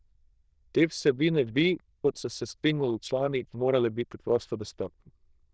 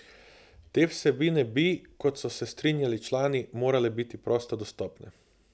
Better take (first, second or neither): second